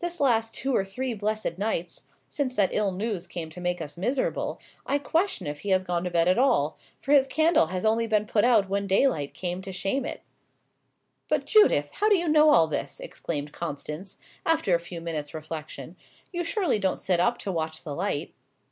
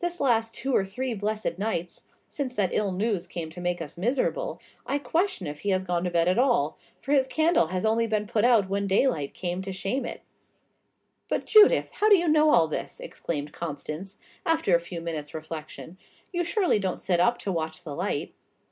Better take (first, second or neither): first